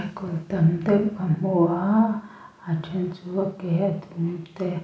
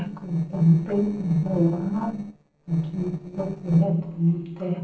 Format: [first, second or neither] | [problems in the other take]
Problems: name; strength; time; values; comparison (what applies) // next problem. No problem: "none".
first | noise reduction (neural separator model SepFormer DNS4)